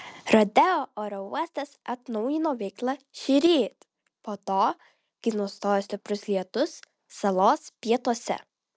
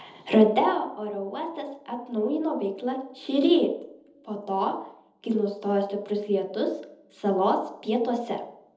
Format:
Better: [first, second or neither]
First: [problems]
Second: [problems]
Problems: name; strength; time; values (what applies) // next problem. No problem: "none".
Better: first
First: none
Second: room echo; dies away in 0.9 s